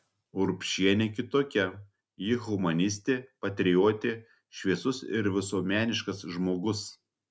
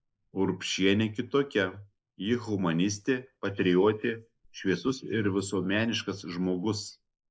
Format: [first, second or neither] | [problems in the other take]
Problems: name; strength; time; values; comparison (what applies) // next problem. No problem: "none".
first | noise reduction (neural mask model Resemble Enhance denoiser)